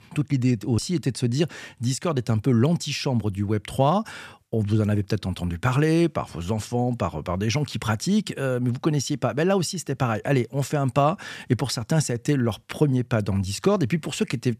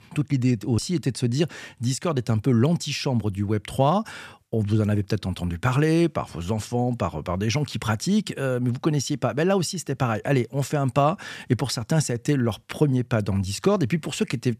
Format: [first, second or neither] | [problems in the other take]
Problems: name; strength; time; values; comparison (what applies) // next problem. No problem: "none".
neither | none